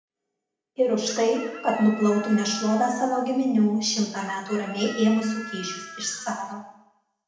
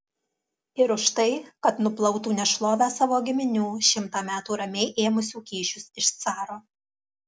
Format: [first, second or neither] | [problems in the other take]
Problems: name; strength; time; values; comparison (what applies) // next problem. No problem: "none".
second | background sound (Chicken, rooster); 15 dB below the speech // room echo; dies away in 0.8 s